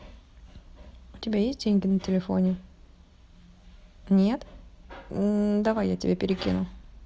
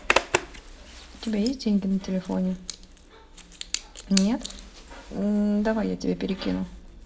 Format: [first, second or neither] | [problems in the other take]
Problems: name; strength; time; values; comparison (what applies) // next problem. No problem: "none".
first | background sound (Zipper (clothing)); 6 dB below the speech // room echo; dies away in 0.4 s